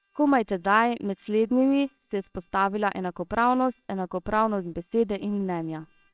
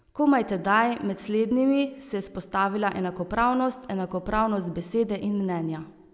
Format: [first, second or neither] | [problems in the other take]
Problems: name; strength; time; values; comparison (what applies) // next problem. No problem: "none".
second | noise reduction (neural separator model SepFormer WHAMR!)